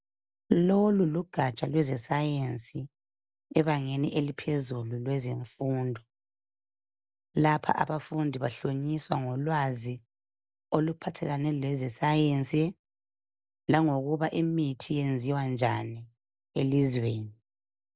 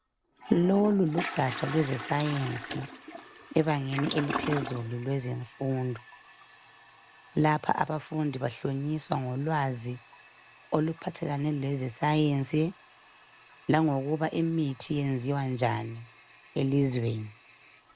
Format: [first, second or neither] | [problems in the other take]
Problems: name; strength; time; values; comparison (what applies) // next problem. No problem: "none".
first | background sound (Toilet flush); 14 dB below the speech